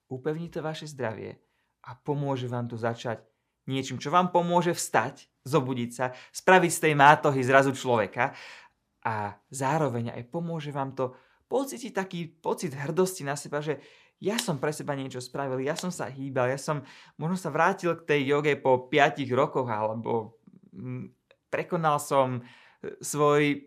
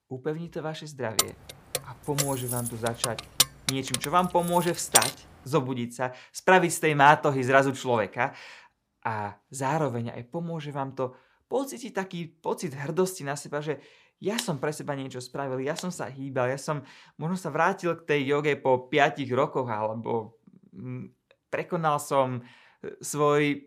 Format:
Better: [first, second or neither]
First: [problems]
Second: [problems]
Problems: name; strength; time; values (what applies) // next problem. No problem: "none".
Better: first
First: none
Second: jangling keys; loud; from 1 to 5 s; peak 5 dB above the speech